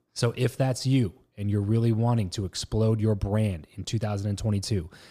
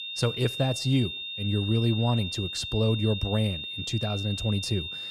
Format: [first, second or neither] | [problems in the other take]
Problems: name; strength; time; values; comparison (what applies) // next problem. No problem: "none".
first | high-pitched whine; loud; throughout; 3.5 kHz, 5 dB below the speech